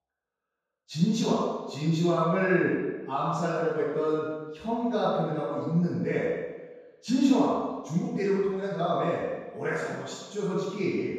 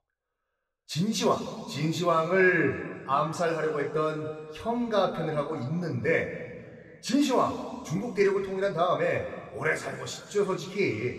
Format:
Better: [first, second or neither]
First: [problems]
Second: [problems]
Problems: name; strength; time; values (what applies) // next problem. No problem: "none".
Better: second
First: room echo; strong; dies away in 1.2 s // off-mic speech; far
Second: room echo; slight; dies away in 2 s // off-mic speech; somewhat distant